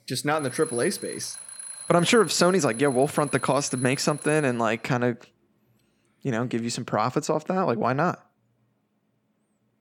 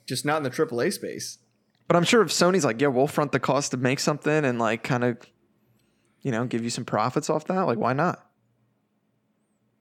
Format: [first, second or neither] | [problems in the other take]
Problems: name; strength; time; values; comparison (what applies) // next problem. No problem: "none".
second | alarm; noticeable; until 4.5 s; peak 9 dB below the speech